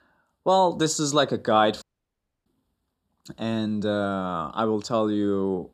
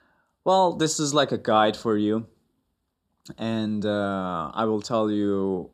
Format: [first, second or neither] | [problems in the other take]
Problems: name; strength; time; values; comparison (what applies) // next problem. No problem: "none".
second | audio cutting out; at 2 s for 0.5 s